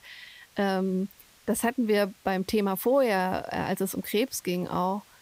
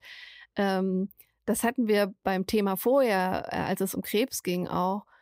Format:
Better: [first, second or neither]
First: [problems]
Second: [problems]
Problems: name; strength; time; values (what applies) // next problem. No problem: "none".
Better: second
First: hiss; faint; throughout; 30 dB below the speech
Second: none